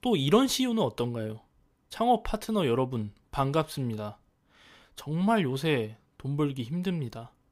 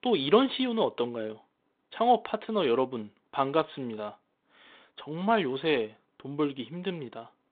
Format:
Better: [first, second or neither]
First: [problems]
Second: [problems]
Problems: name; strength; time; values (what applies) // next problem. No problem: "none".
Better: first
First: none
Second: phone-call audio; nothing above 3.5 kHz